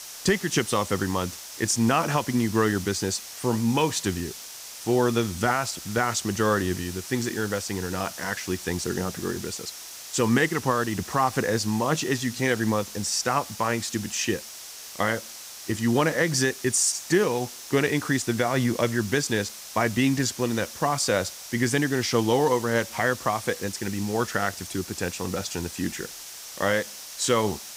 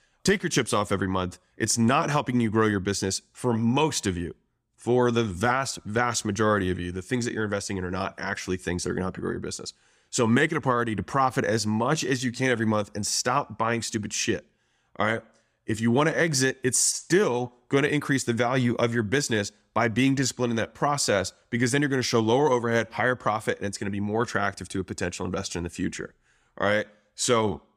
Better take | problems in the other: second | hiss; noticeable; throughout; 10 dB below the speech

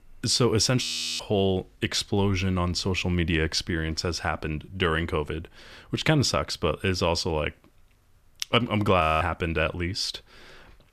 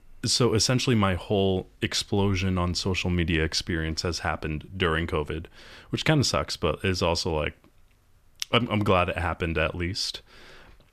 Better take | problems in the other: second | audio freezing; at 1 s and at 9 s

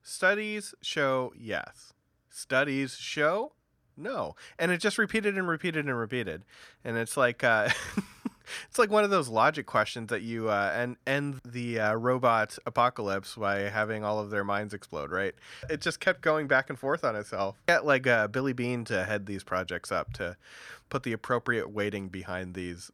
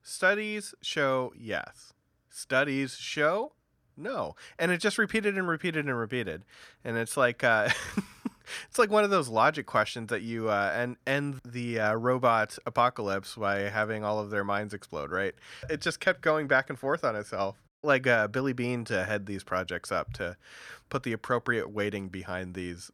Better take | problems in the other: first | audio cutting out; at 18 s

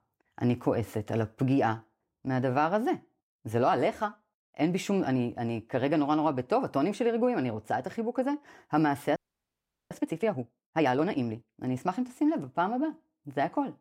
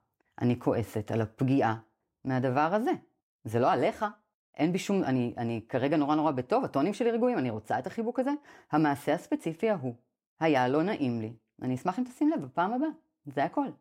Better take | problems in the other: second | audio freezing; at 9 s for 1 s

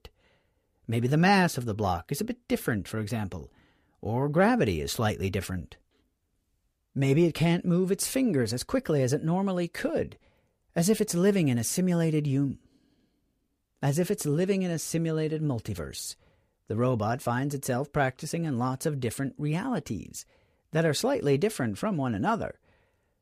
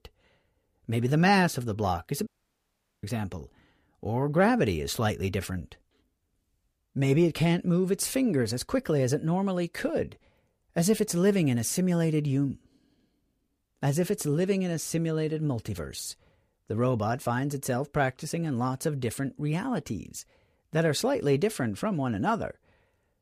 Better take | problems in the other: first | audio cutting out; at 2.5 s for 1 s

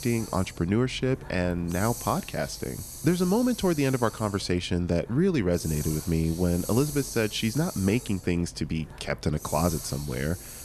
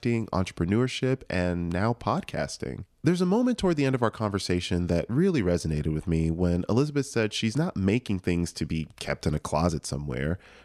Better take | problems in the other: second | hiss; noticeable; throughout; 10 dB below the speech

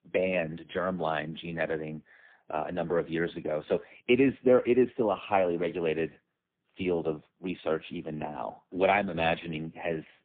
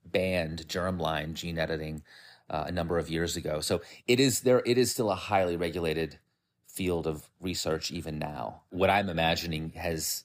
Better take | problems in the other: second | phone-call audio; poor line

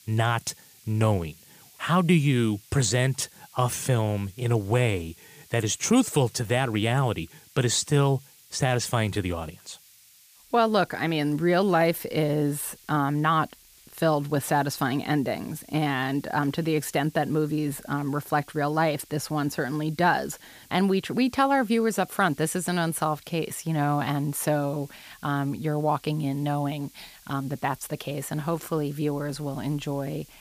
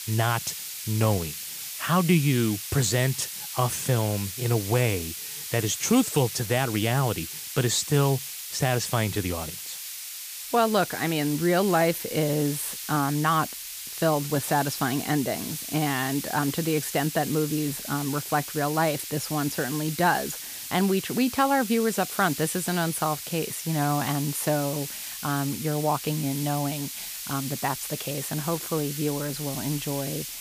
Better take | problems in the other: first | hiss; loud; throughout; 7 dB below the speech; faint in the first

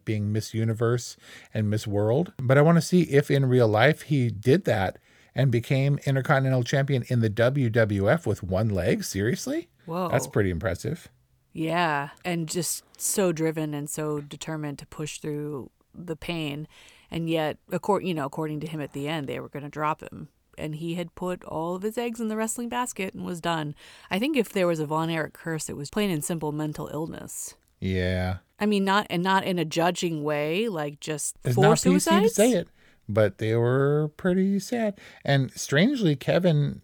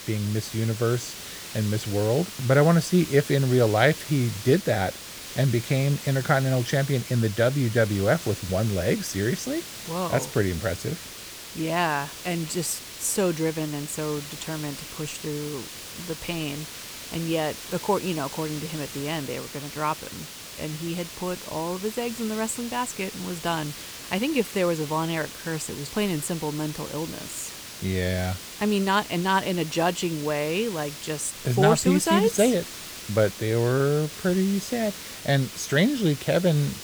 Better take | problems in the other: first | hiss; noticeable; throughout; 10 dB below the speech

